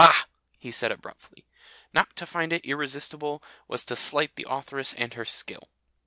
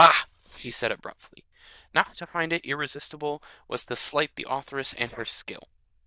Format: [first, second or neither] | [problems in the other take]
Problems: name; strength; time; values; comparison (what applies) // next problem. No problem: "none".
first | noise reduction (neural diffusion model UNIVERSE++)